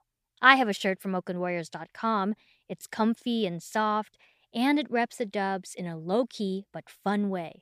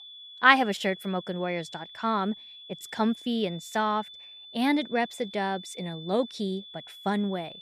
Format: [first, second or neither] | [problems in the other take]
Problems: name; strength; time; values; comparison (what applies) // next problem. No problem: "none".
first | high-pitched whine; noticeable; throughout; 3.5 kHz, 15 dB below the speech